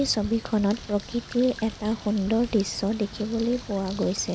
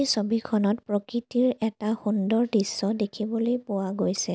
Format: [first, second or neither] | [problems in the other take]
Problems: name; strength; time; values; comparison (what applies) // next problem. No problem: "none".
second | background sound (Bird); 15 dB below the speech